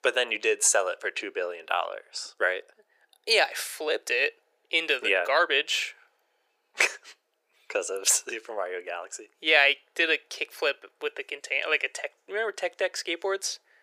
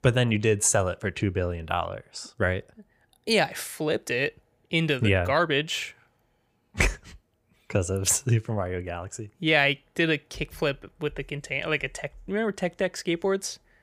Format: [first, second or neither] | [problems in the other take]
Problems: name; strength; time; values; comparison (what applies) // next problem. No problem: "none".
second | thin; very; fading below 400 Hz